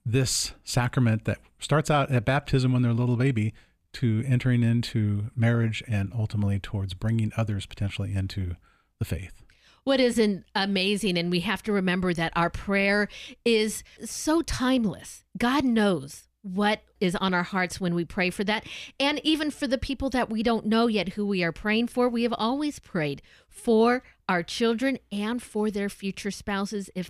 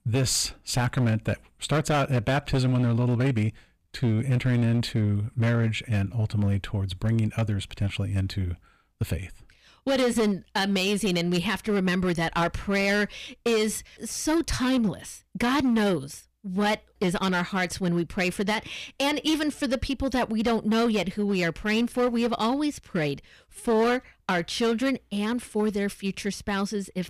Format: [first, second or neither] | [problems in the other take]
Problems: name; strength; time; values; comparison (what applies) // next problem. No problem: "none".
first | distortion; slight; 9% of the sound clipped